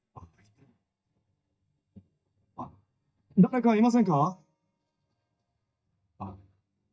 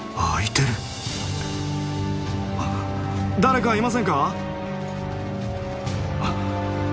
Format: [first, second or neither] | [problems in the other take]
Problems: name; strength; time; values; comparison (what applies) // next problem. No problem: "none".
second | noise reduction (neural mask model DeepFilterNet 3)